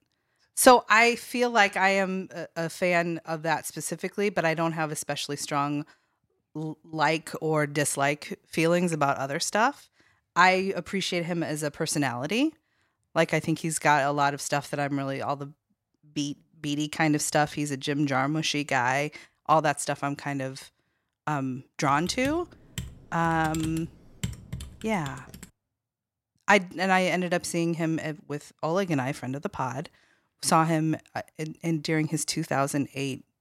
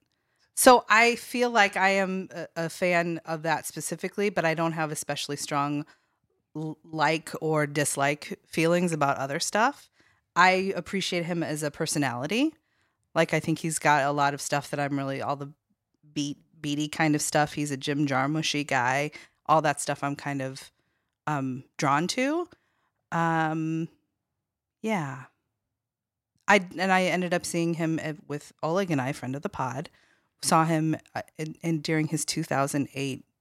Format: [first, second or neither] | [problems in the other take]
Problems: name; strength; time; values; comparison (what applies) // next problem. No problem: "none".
second | keyboard typing; noticeable; from 22 to 25 s; peak 9 dB below the speech